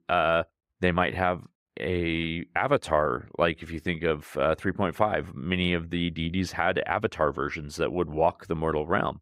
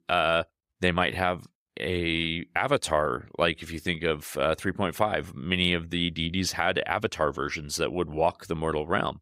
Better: second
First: muffled; slightly; fading above 3 kHz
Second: none

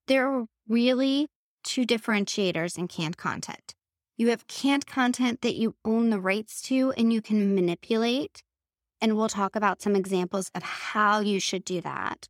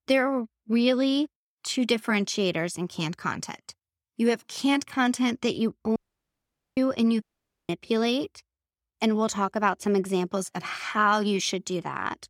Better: first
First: none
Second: audio cutting out; at 6 s for 1 s and at 7 s

